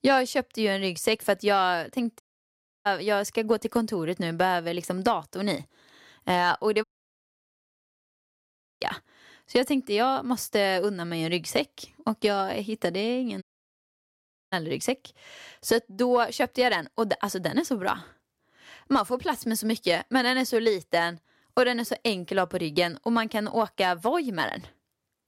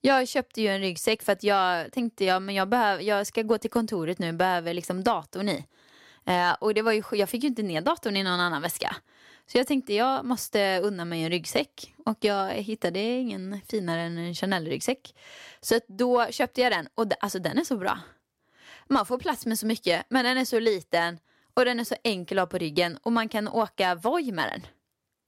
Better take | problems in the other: second | audio cutting out; at 2 s for 0.5 s, at 7 s for 2 s and at 13 s for 1 s

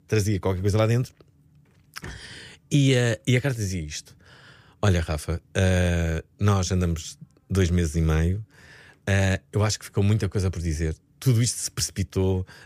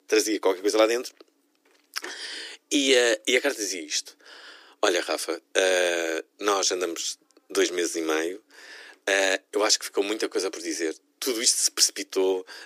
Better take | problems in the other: first | thin; very; fading below 300 Hz

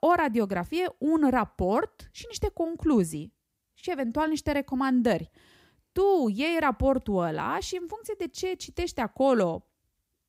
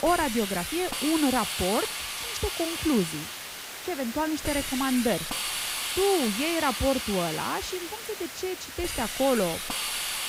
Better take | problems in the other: first | hiss; loud; throughout; 3 dB below the speech

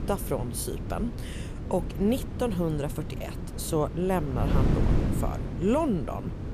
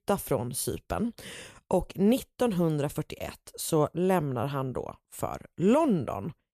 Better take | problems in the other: second | wind noise on the microphone; heavy; 8 dB below the speech

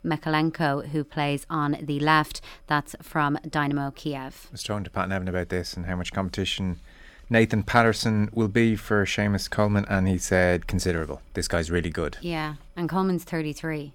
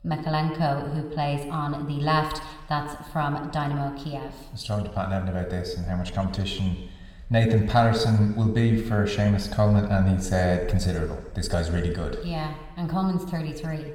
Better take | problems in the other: first | room echo; slight; dies away in 0.9 s

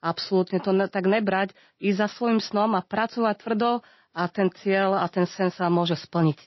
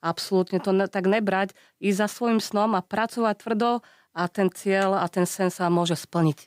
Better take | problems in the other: second | garbled, watery; slightly; nothing above 5.5 kHz

